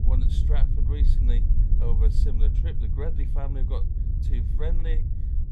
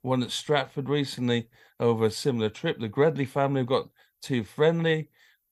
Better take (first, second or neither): second